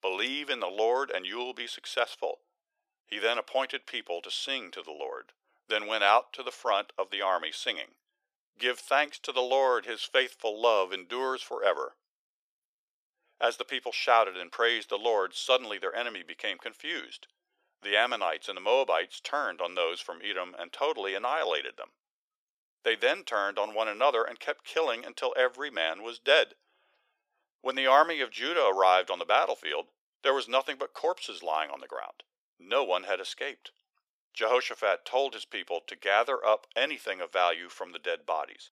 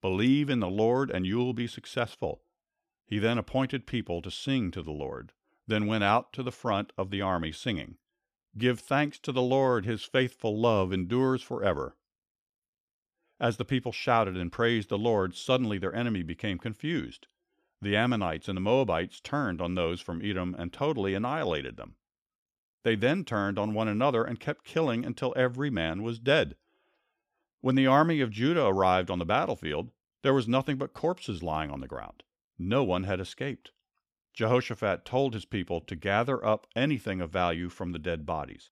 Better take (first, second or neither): second